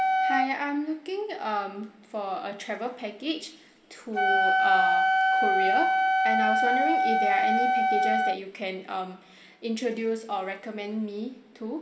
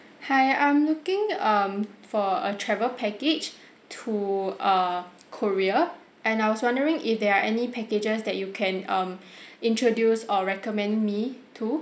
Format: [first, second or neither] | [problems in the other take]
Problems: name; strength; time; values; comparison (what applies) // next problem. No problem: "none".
second | background sound (Wind instrument, woodwind instrument); 5 dB above the speech // room echo; dies away in 2.4 s